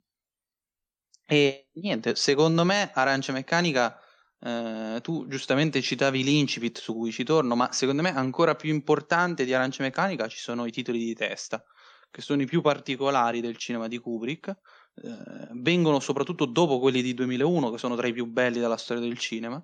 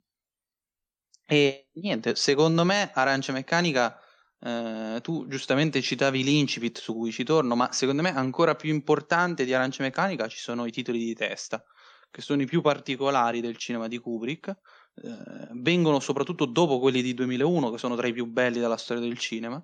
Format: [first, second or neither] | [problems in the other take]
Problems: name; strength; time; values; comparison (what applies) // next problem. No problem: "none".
neither | none